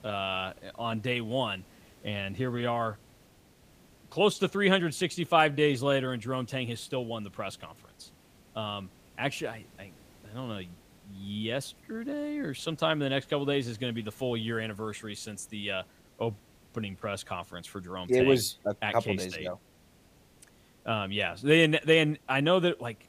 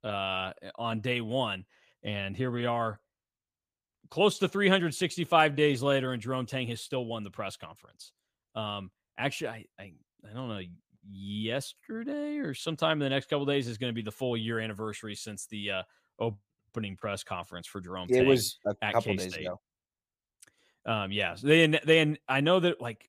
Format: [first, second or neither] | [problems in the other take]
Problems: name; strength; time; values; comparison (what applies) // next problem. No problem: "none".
second | hiss; faint; throughout; 30 dB below the speech